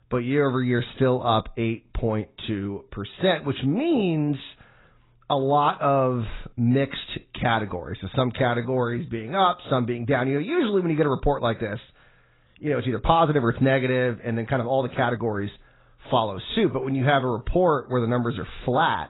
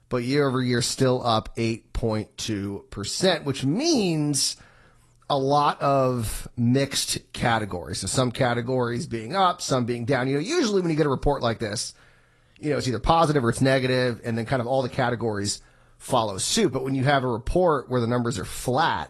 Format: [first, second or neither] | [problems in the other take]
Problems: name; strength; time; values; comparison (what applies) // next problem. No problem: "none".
second | garbled, watery; badly; nothing above 4 kHz; slightly in the second